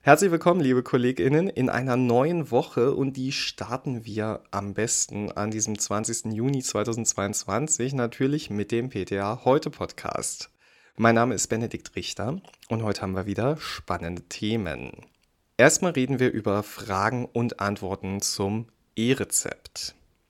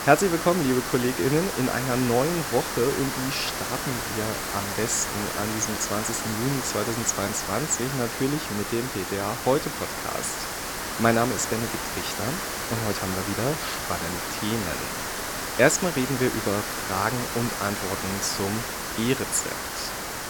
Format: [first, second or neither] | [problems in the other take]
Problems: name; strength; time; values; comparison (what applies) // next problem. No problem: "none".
first | hiss; loud; throughout; 3 dB below the speech